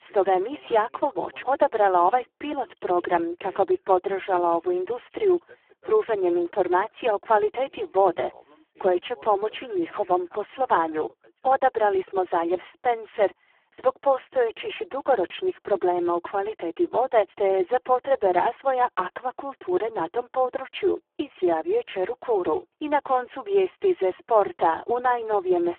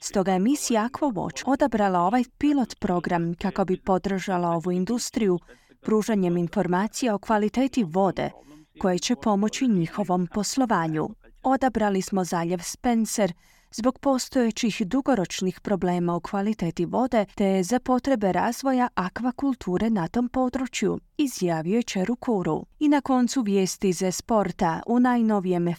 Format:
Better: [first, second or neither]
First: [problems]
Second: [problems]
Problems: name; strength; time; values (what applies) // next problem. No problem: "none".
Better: second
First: phone-call audio; poor line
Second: none